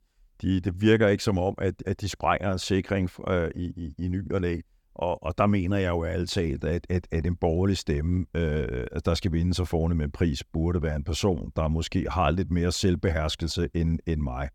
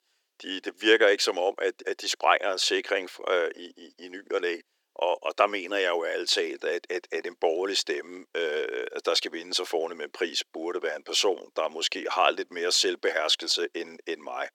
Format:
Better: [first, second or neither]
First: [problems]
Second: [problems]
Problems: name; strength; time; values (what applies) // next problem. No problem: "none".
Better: first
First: none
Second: thin; very; fading below 350 Hz